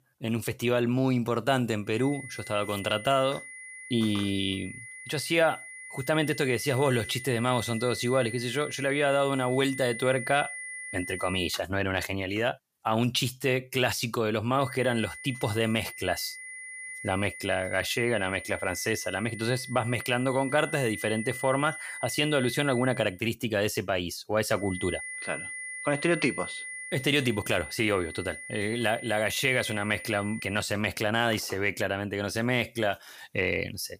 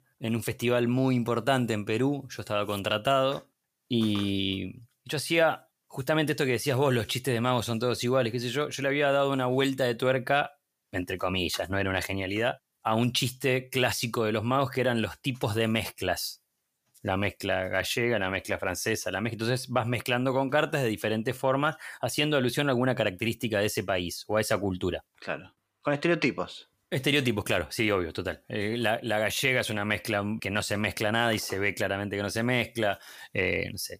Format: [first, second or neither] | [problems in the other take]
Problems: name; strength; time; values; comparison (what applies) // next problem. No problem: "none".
second | high-pitched whine; noticeable; from 2 to 11 s, from 15 to 23 s and from 25 to 31 s; 2 kHz, 10 dB below the speech